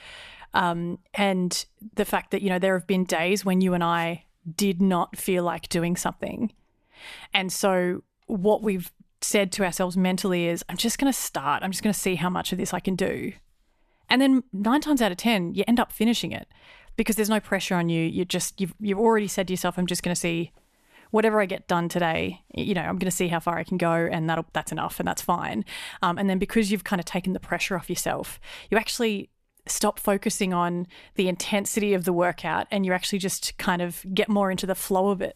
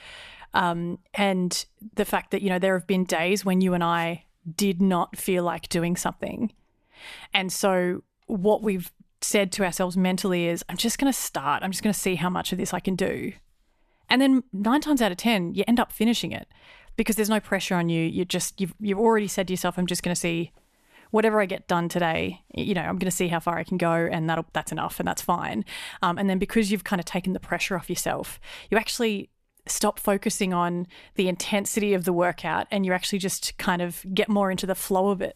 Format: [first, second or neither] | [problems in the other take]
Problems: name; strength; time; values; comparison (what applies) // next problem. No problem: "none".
neither | none